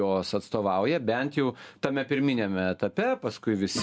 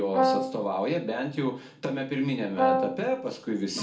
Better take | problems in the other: first | background sound (Brass instrument); 3 dB above the speech // room echo; dies away in 0.4 s

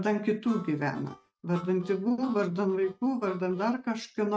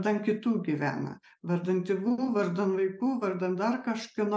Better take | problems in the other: second | noise reduction (neural mask model RNNoise)

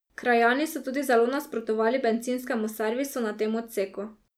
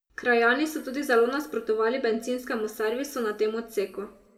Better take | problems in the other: first | room echo; dies away in 1.1 s

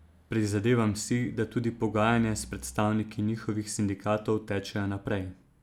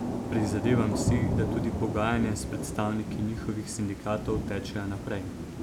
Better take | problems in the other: first | background sound (Thunder / Rain); 1 dB below the speech

